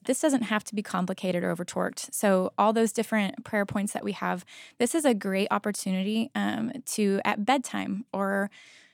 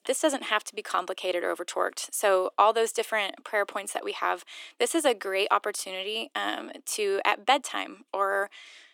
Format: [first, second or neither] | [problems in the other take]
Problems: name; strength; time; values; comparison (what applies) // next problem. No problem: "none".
first | thin; very; fading below 350 Hz